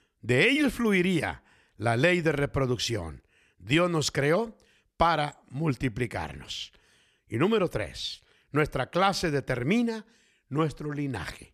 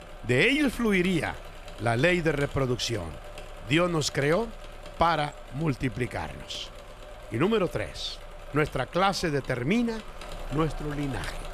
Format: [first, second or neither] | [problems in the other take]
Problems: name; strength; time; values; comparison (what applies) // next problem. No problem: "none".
first | machinery noise; noticeable; throughout; 15 dB below the speech